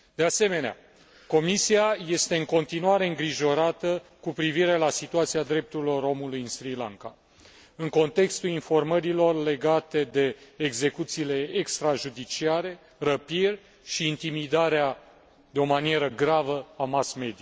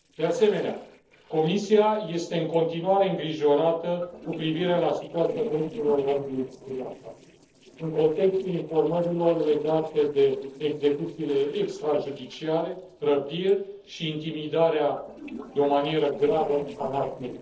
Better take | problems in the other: first | noise reduction (neural separator model SepFormer DNS4)

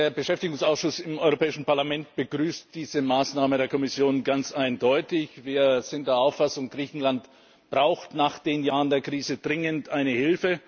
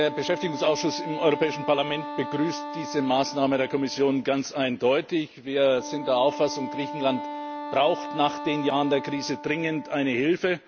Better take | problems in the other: first | background sound (Wind instrument, woodwind instrument); 10 dB below the speech

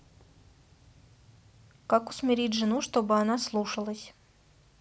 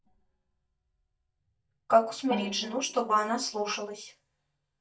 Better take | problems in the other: first | noise reduction (neural mask model DeepFilterNet 3)

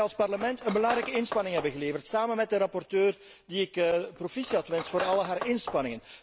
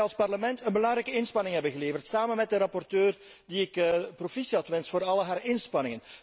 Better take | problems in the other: second | background sound (Cutlery, silverware); 11 dB below the speech

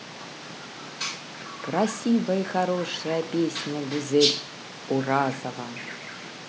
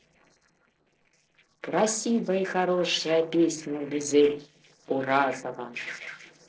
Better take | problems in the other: first | noise reduction (neural separator model SepFormer DNS4)

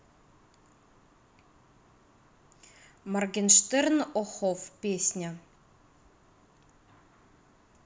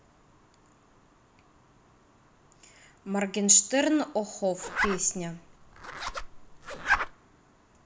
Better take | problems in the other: first | background sound (Zipper (clothing)); 2 dB below the speech

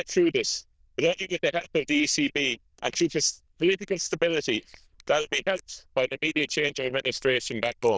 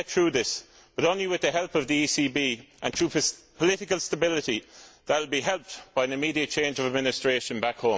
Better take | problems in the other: second | noise reduction (neural diffusion model UNIVERSE++)

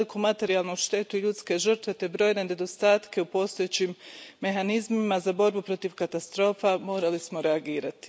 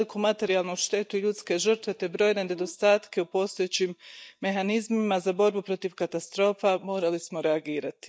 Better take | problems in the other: first | noise reduction (neural mask model DeepFilterNet 3)

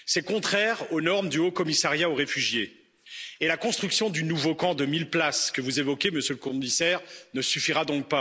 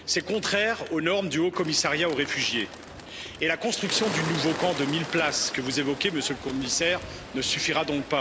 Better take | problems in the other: first | background sound (Bird); 11 dB below the speech

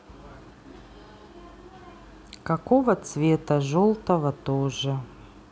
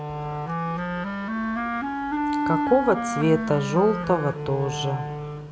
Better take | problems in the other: first | background sound (Wind instrument, woodwind instrument); 2 dB below the speech // room echo; dies away in 2.3 s

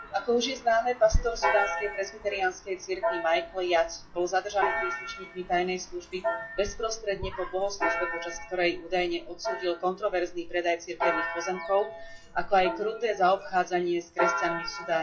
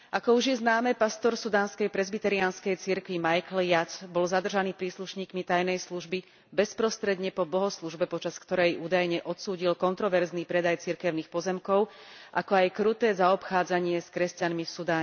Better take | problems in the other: second | noise reduction (classical method WPE with log-MMSE)

